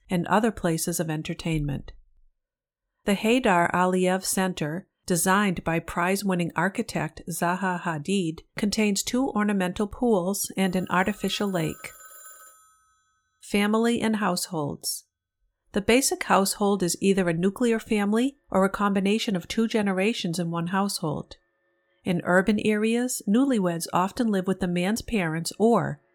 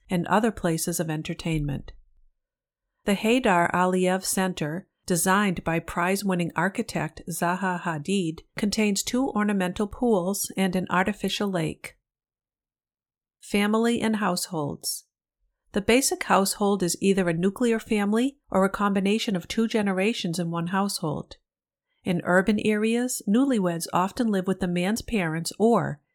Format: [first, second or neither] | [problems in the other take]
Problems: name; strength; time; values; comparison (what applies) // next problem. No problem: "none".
second | alarms or sirens; faint; from 11 s on; 20 dB below the speech